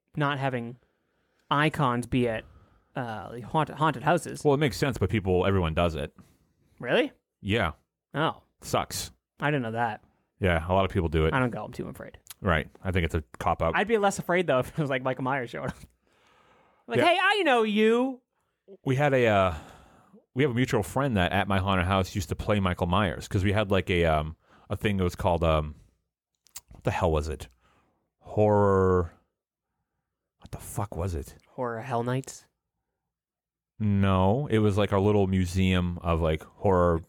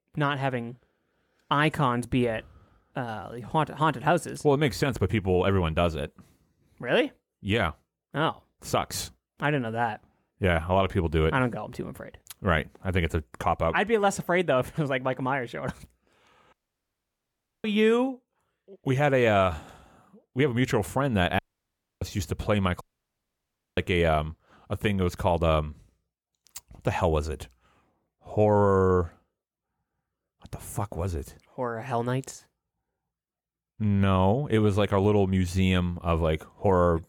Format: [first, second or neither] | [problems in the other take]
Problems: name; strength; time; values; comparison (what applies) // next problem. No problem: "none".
first | audio cutting out; at 17 s for 1 s, at 21 s for 0.5 s and at 23 s for 1 s